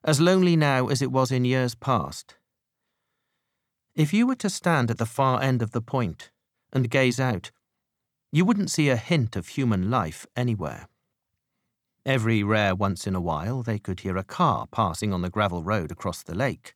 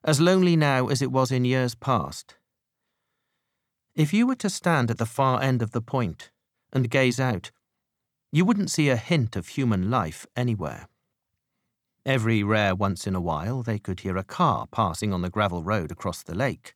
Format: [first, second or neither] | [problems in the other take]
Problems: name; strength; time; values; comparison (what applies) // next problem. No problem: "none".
neither | none